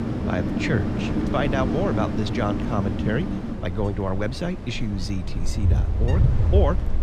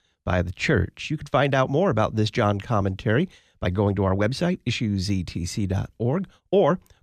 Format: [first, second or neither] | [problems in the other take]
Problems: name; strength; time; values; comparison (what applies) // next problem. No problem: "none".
second | wind in the background; very loud; throughout; 2 dB above the speech